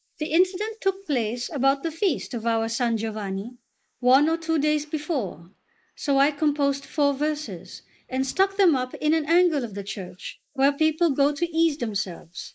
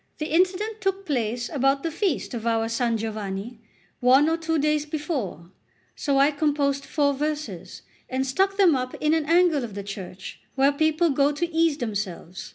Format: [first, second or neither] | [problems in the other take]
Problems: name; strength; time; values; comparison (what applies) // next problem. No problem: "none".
second | noise reduction (neural mask model Resemble Enhance denoiser)